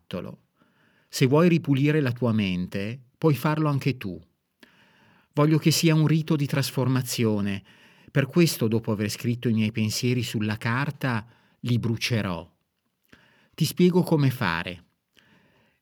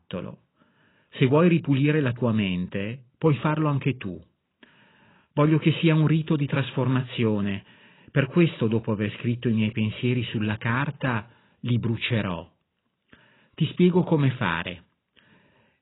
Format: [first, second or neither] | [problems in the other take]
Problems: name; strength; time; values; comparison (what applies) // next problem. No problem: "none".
first | garbled, watery; badly; nothing above 4 kHz